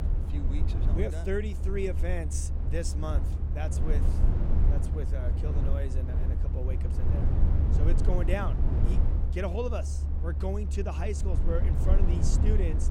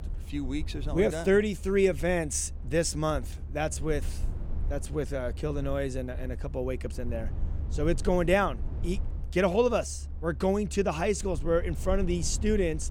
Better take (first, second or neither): second